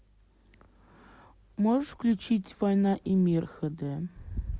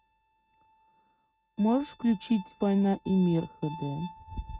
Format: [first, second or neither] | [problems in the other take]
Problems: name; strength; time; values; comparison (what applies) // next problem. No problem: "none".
first | noise reduction (neural mask model RNNoise)